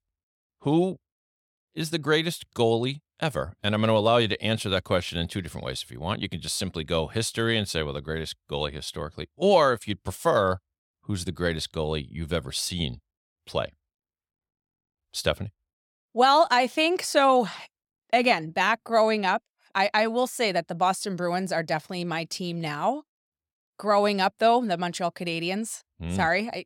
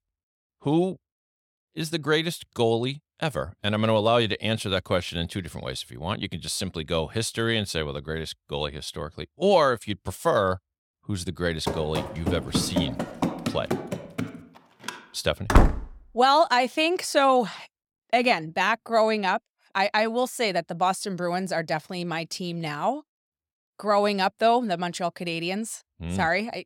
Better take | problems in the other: first | door banging; loud; from 12 to 16 s; peak 5 dB above the speech

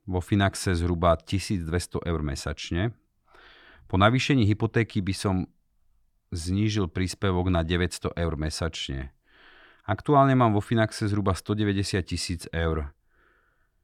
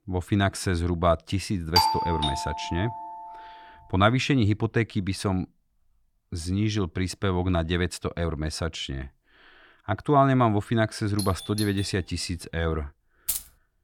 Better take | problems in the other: first | doorbell; loud; at 2 s; peak 5 dB above the speech // doorbell; noticeable; at 11 s; peak 10 dB below the speech // jangling keys; noticeable; at 13 s; peak 3 dB below the speech

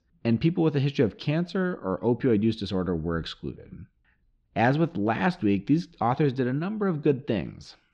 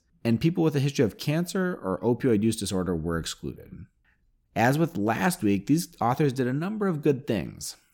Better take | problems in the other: second | muffled; very slightly; fading above 4 kHz

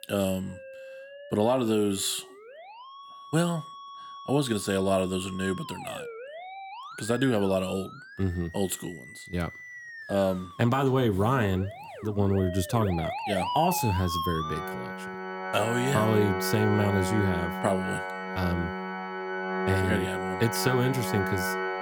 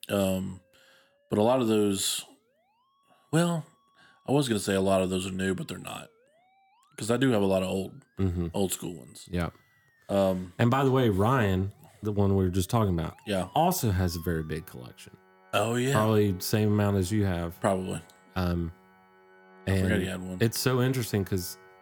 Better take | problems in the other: second | background music; loud; throughout; 6 dB below the speech; faint in the second

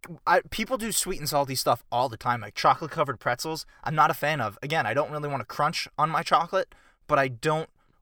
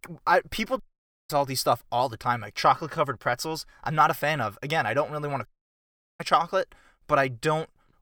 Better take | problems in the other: first | audio cutting out; at 1 s and at 5.5 s for 0.5 s

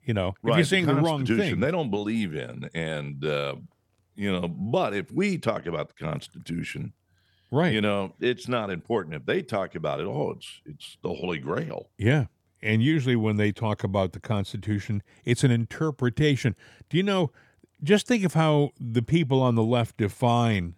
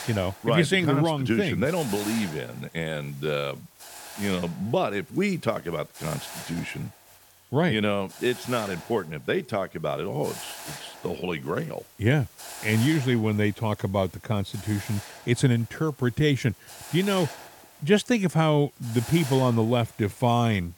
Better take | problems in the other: first | hiss; noticeable; throughout; 15 dB below the speech

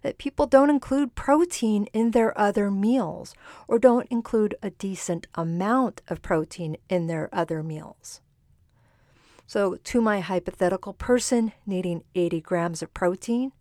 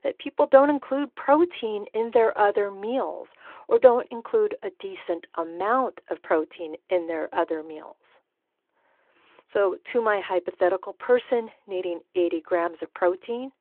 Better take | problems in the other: first | phone-call audio

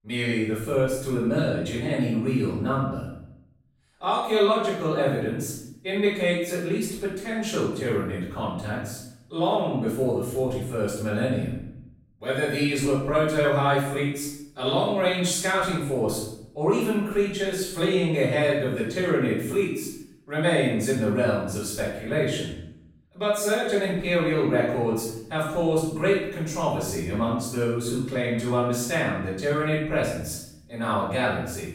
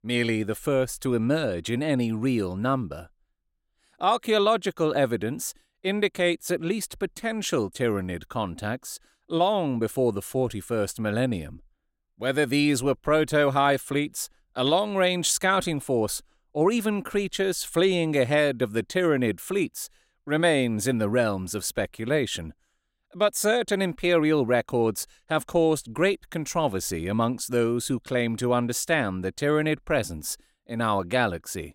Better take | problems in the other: second | off-mic speech; far // room echo; noticeable; dies away in 0.7 s

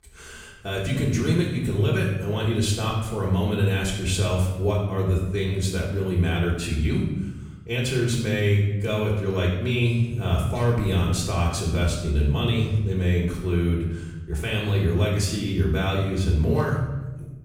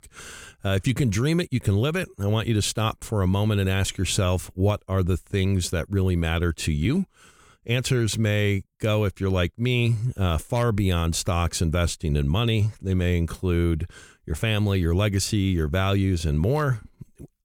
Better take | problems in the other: second | off-mic speech; far // room echo; noticeable; dies away in 1 s

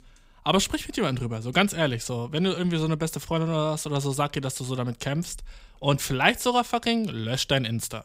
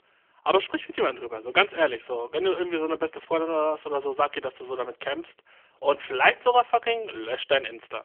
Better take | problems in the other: first | phone-call audio; poor line; nothing above 3.5 kHz

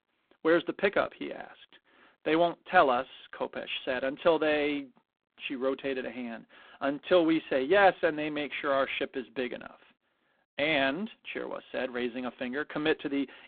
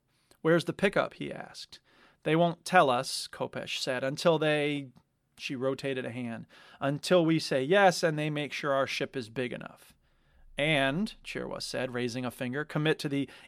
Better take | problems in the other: second | phone-call audio; poor line

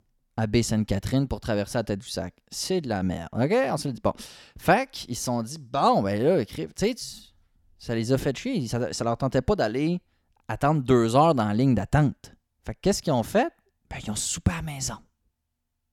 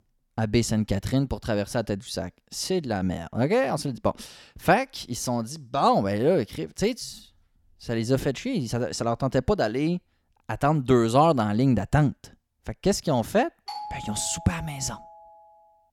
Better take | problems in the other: first | doorbell; faint; from 14 to 15 s; peak 10 dB below the speech

